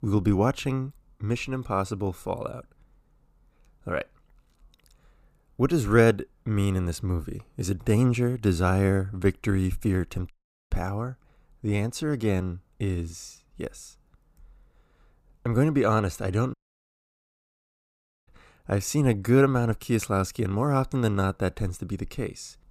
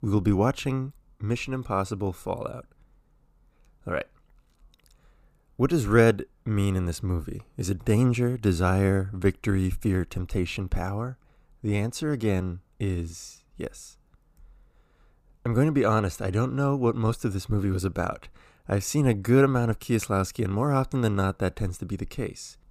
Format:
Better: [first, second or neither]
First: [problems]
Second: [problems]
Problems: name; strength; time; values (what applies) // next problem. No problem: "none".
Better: second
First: audio cutting out; at 10 s and at 17 s for 1.5 s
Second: none